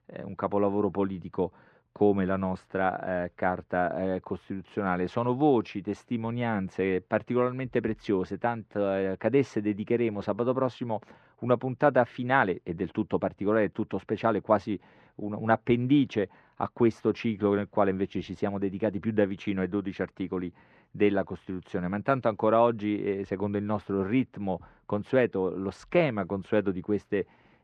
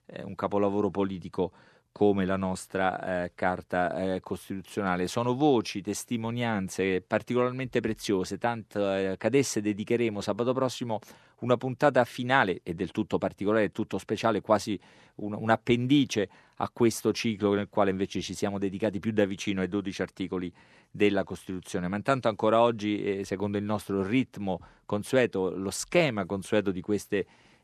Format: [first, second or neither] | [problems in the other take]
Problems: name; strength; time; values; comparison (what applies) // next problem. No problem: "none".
second | muffled; very; fading above 2 kHz